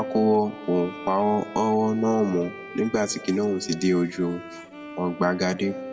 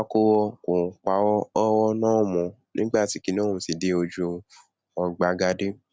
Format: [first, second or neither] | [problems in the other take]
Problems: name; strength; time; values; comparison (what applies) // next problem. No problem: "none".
second | background sound (Bowed string instrument); 15 dB below the speech // room echo; dies away in 2 s